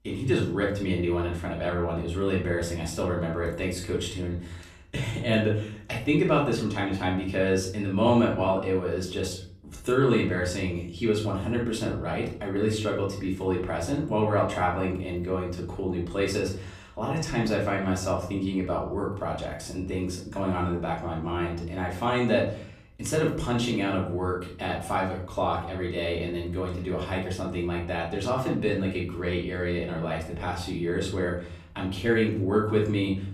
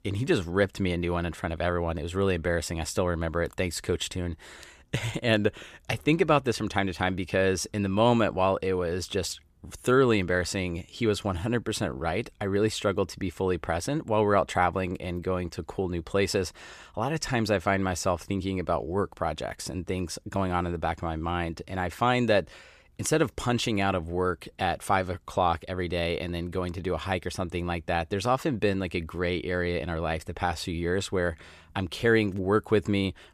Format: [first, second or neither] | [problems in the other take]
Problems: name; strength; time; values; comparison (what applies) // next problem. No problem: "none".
second | off-mic speech; far // room echo; slight; dies away in 0.6 s